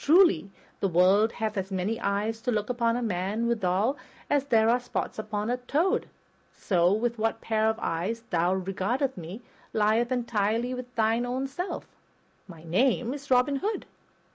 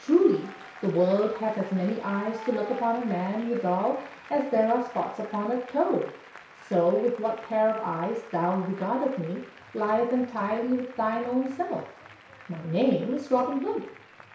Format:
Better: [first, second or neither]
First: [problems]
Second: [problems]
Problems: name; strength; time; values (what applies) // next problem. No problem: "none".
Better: first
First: none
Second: background sound (Applause); 19 dB below the speech // room echo; dies away in 0.6 s